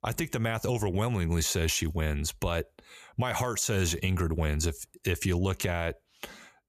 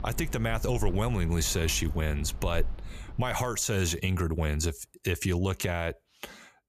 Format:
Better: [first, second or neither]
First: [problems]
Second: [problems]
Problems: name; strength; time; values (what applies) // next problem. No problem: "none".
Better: first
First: none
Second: machinery noise; noticeable; until 3 s; 10 dB below the speech